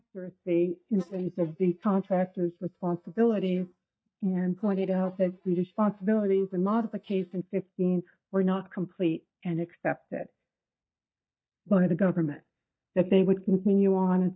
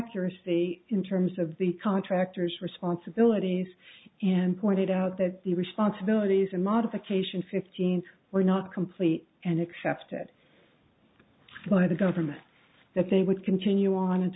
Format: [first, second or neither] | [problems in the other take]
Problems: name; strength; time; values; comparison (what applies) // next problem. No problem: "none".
second | noise reduction (neural mask model DeepFilterNet 3)